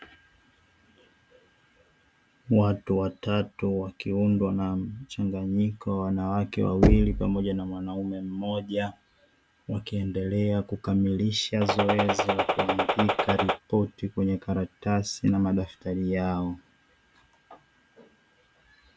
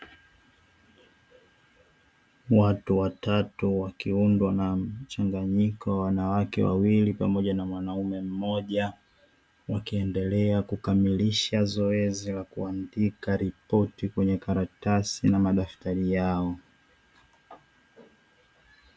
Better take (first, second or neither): second